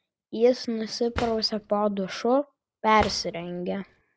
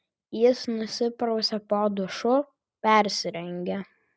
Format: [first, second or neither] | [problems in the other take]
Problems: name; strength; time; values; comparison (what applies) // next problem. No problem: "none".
second | background sound (Drawer open or close); 13 dB below the speech